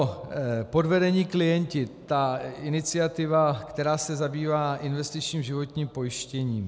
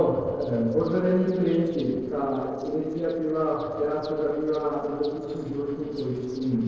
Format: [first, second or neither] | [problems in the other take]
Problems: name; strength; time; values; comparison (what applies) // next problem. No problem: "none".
first | noise reduction (neural separator model SepFormer DNS4)